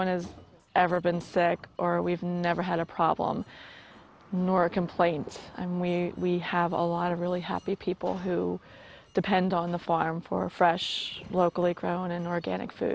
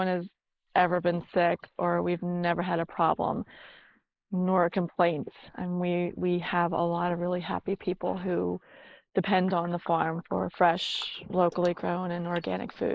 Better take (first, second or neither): first